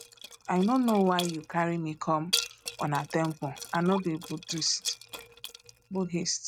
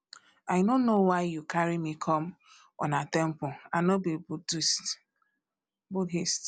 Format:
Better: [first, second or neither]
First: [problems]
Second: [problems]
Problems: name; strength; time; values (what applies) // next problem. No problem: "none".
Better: second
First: noise reduction (neural mask model RNNoise)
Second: none